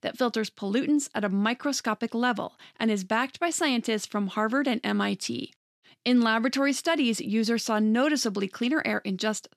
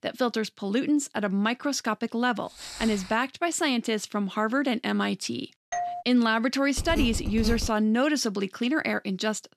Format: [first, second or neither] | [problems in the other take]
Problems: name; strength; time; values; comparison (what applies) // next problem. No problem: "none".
first | footsteps; faint; at 2.5 s; peak 10 dB below the speech // doorbell; noticeable; at 5.5 s; peak 5 dB below the speech // phone ringing; noticeable; at 7 s; peak 6 dB below the speech